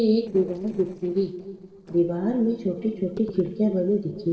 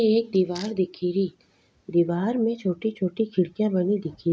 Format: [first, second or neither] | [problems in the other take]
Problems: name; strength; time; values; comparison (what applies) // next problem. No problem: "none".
second | noise reduction (neural separator model SepFormer DNS4)